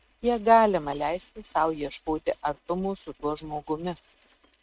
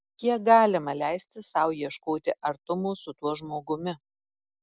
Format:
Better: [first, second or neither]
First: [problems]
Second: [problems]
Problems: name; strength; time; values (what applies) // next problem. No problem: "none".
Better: second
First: noise reduction (neural mask model RNNoise)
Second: none